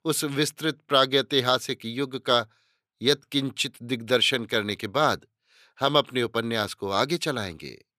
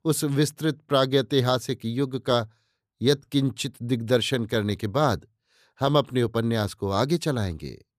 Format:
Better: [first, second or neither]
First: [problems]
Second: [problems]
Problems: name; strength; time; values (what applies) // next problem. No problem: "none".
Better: second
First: thin; very slightly; fading below 700 Hz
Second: none